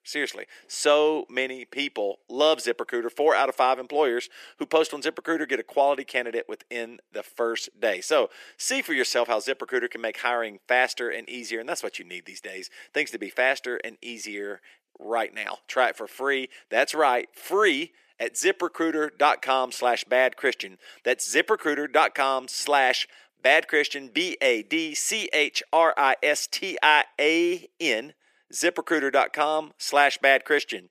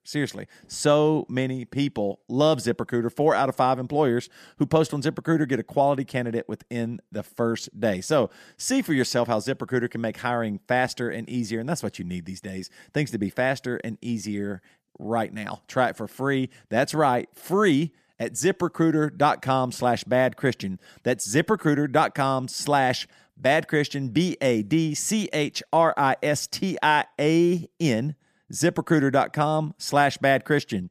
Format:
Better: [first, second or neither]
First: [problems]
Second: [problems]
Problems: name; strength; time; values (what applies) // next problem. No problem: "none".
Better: second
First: thin; somewhat; fading below 400 Hz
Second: none